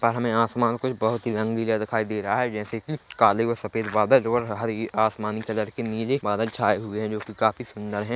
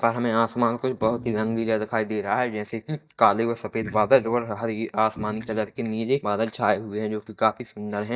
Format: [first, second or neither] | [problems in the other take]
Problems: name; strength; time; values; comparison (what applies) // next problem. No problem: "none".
first | noise reduction (neural mask model DeepFilterNet 3)